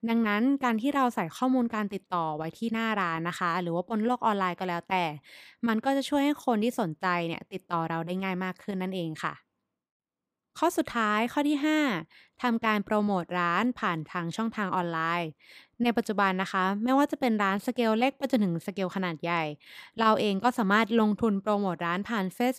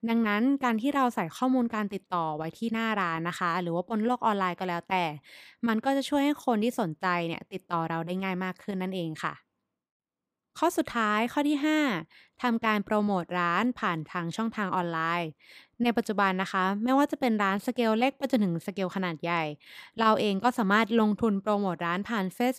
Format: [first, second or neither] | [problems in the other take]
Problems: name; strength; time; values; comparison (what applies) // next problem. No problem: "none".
neither | none